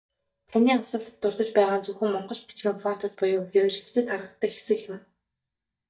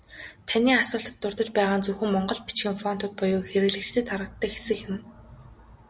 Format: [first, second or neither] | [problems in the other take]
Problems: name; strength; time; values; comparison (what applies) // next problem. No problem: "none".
second | noise reduction (neural mask model DeepFilterNet 3)